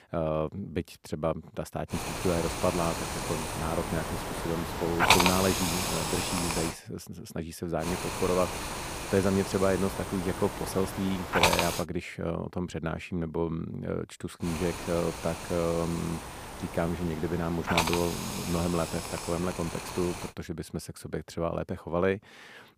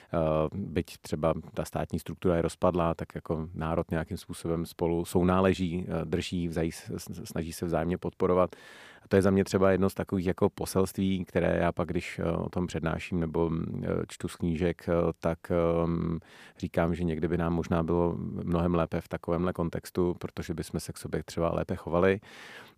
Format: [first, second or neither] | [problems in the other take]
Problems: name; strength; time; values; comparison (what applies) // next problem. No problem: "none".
second | hiss; loud; from 2 to 6.5 s, from 8 to 12 s and from 14 to 20 s; as loud as the speech